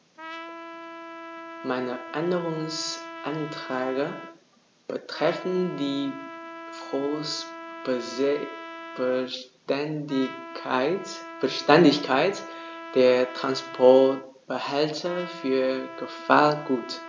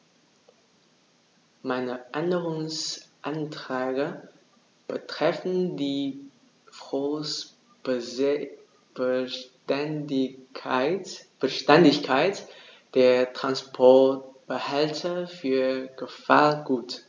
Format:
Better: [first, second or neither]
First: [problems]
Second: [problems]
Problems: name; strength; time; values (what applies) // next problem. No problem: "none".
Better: second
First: background sound (Trumpet); 14 dB below the speech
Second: none